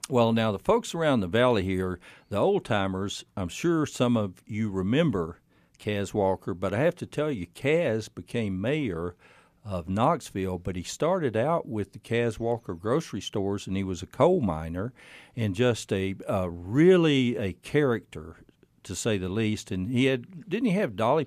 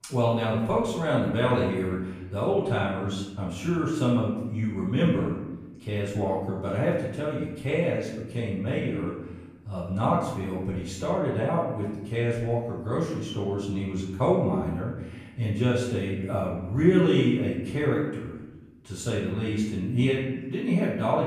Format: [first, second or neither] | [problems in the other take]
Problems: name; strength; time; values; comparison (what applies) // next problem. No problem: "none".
first | off-mic speech; far // room echo; noticeable; dies away in 1 s